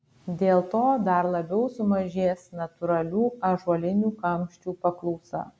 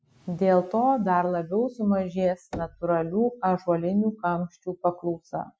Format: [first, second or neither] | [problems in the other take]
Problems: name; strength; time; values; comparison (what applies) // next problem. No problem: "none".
first | noise reduction (classical method Wiener filter)